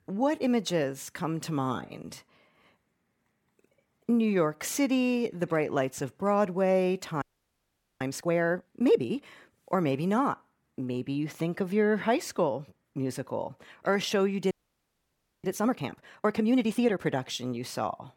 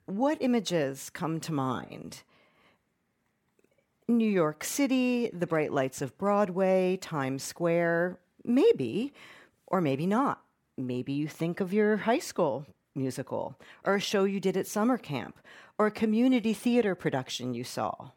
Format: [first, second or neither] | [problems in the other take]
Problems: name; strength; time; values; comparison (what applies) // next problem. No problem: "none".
second | audio freezing; at 7 s for 1 s and at 15 s for 1 s